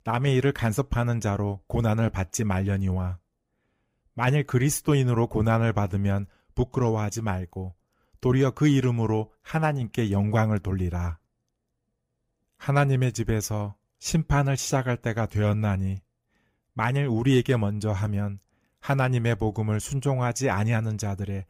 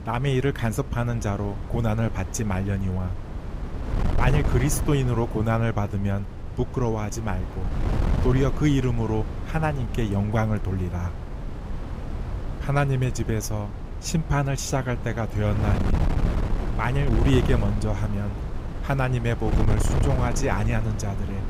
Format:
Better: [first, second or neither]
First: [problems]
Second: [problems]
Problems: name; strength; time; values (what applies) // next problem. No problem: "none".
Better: first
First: none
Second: wind noise on the microphone; heavy; 8 dB below the speech